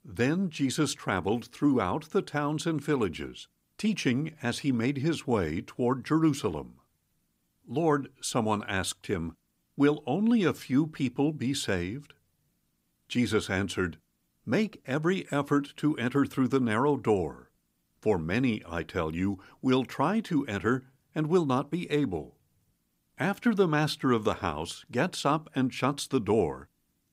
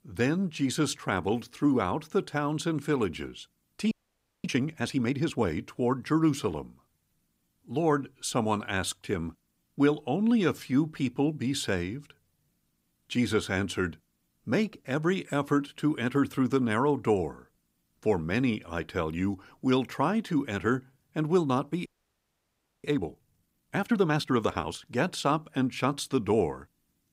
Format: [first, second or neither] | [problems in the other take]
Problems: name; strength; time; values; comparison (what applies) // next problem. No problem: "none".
first | audio freezing; at 4 s for 0.5 s and at 22 s for 1 s